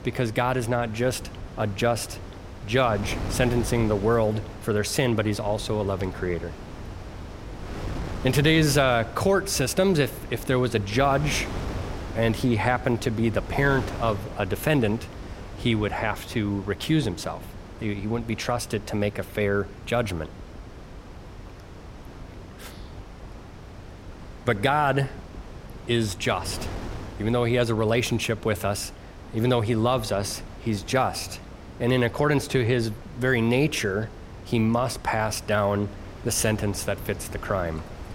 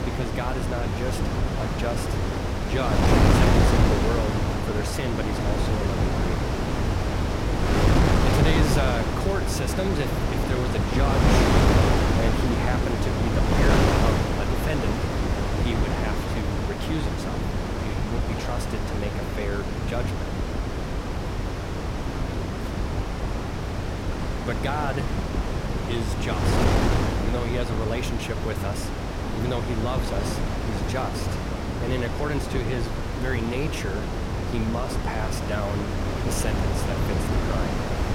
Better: first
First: wind noise on the microphone; occasional gusts; 15 dB below the speech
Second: wind noise on the microphone; heavy; 3 dB above the speech

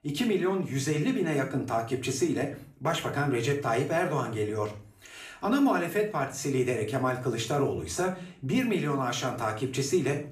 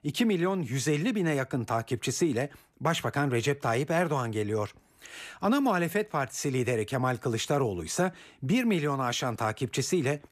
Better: second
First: room echo; slight; dies away in 0.4 s // off-mic speech; somewhat distant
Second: none

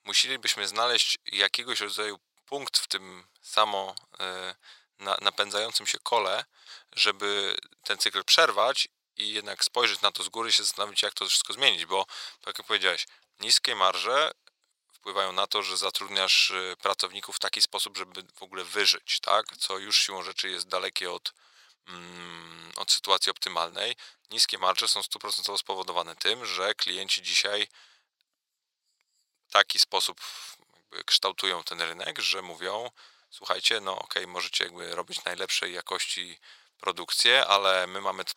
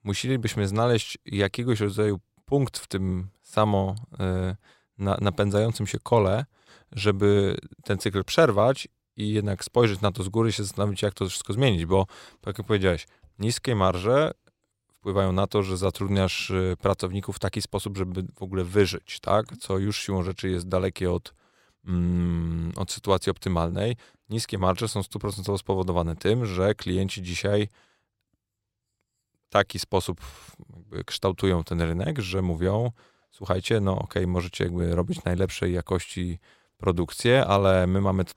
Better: second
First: thin; very; fading below 1 kHz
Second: none

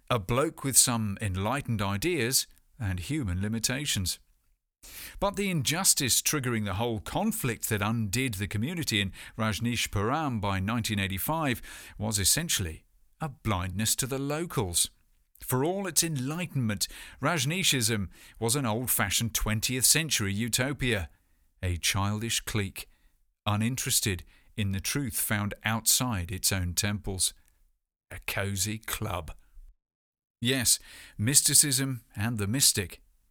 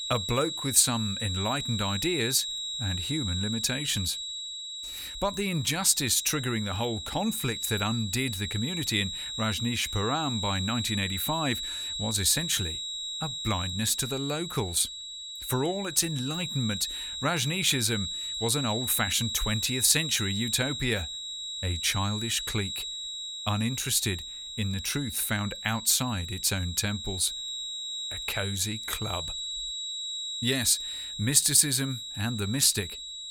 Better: first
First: none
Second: high-pitched whine; loud; throughout; 4 kHz, 5 dB below the speech

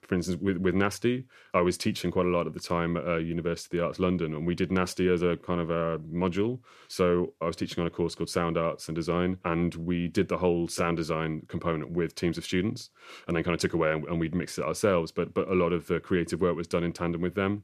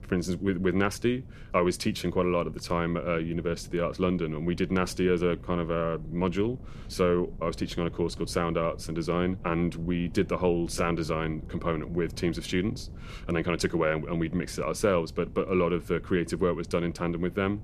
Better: first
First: none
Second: wind noise on the microphone; occasional gusts; 25 dB below the speech

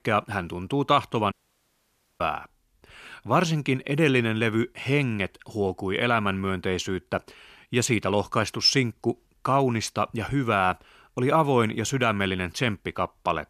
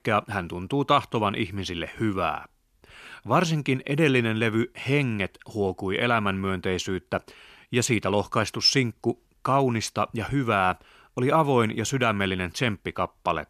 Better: second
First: audio cutting out; at 1.5 s for 1 s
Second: none

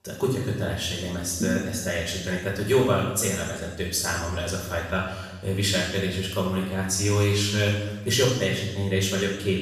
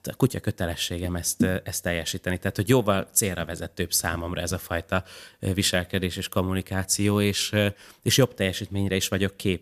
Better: second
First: room echo; noticeable; dies away in 1 s // off-mic speech; far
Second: none

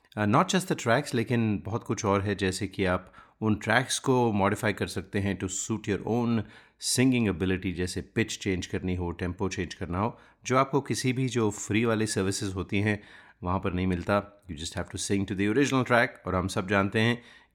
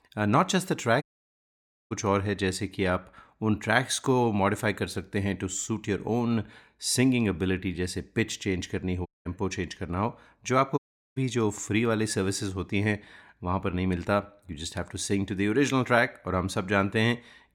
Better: first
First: none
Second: audio cutting out; at 1 s for 1 s, at 9 s and at 11 s

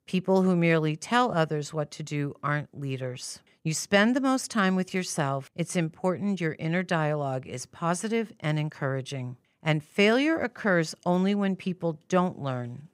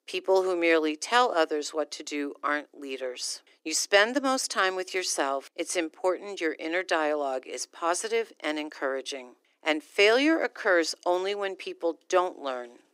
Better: first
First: none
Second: thin; somewhat; fading below 300 Hz

